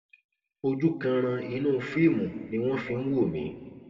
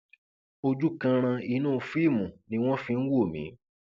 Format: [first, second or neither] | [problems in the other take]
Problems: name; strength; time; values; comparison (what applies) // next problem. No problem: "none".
second | room echo; dies away in 1.7 s